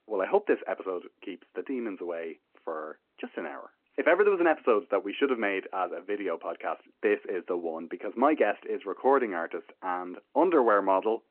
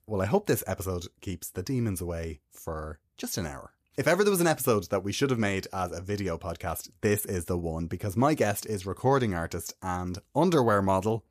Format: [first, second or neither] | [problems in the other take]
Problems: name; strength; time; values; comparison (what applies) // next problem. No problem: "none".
second | phone-call audio